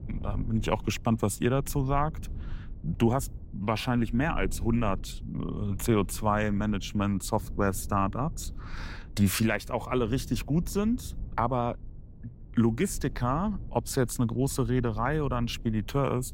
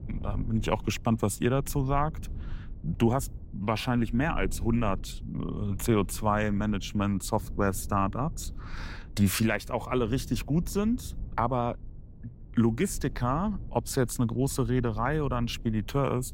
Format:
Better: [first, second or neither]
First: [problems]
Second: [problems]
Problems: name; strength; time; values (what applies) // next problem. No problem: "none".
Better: neither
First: low rumble; faint; throughout; 25 dB below the speech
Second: low rumble; faint; throughout; 25 dB below the speech